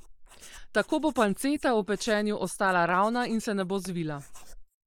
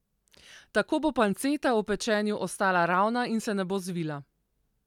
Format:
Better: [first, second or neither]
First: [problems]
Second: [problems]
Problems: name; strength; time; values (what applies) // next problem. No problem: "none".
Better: second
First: noise reduction (neural mask model Resemble Enhance denoiser)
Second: none